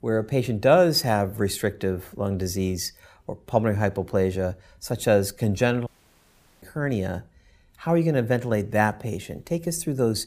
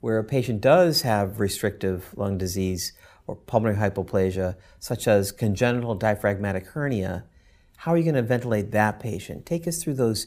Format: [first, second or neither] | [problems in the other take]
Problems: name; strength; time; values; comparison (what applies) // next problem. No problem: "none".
second | audio cutting out; at 6 s for 1 s